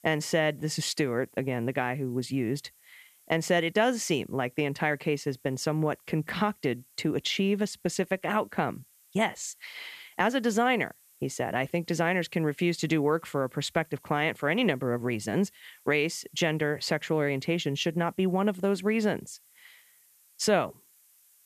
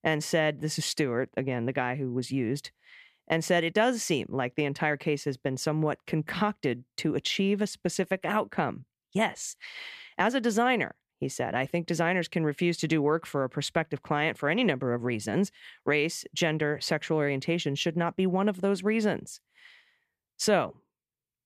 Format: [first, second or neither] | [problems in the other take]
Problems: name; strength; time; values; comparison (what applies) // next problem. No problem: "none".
second | hiss; faint; throughout; 30 dB below the speech